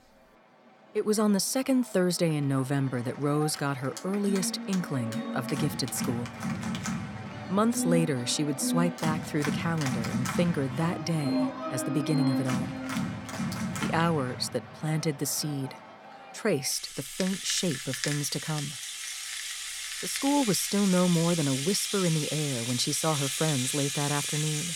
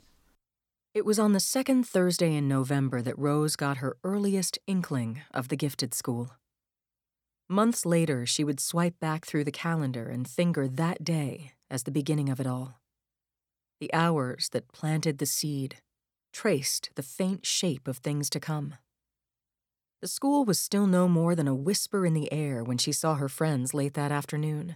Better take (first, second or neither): second